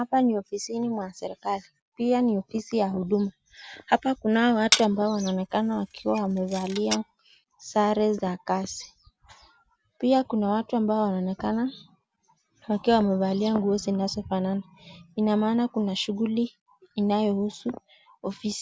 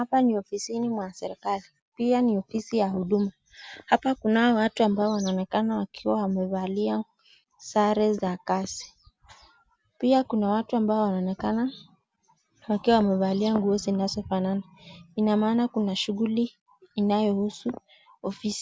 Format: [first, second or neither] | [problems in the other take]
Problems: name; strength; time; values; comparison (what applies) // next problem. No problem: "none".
second | background sound (Glass); 6 dB below the speech